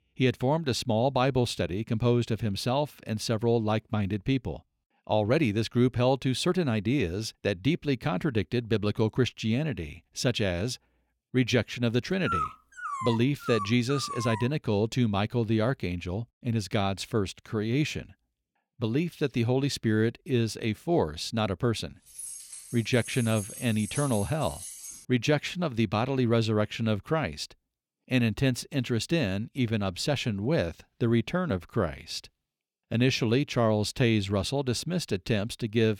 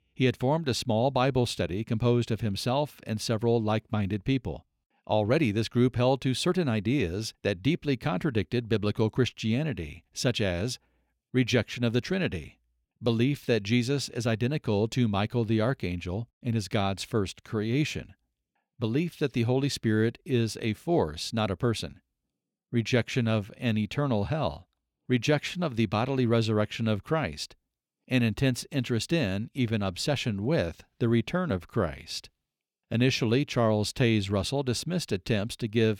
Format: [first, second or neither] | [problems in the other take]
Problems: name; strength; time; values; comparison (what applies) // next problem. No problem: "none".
second | dog barking; noticeable; from 12 to 14 s; peak 3 dB below the speech // jangling keys; noticeable; from 22 to 25 s; peak 8 dB below the speech